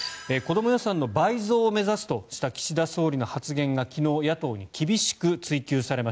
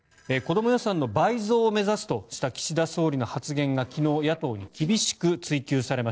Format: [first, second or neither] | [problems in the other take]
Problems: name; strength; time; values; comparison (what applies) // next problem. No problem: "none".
first | noise reduction (neural separator model SepFormer DNS4)